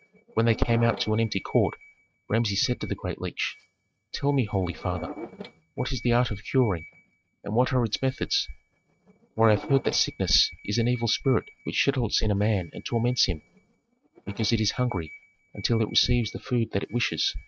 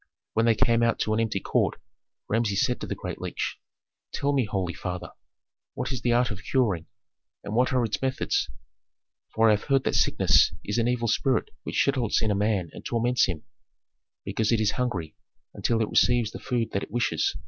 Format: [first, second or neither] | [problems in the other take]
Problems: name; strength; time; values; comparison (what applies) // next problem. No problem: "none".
second | noise reduction (neural mask model RNNoise)